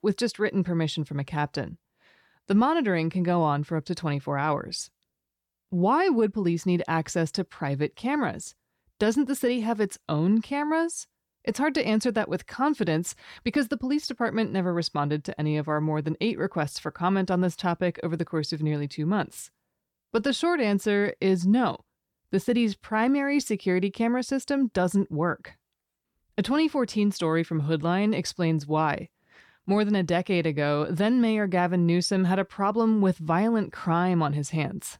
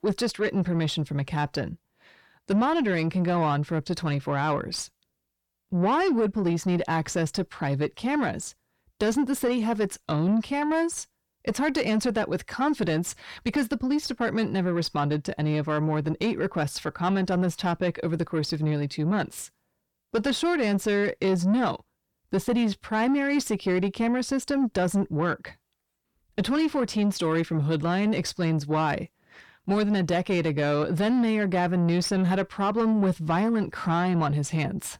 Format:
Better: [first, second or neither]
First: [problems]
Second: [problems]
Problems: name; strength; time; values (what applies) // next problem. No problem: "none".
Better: first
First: none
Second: distortion; slight; 10 dB below the speech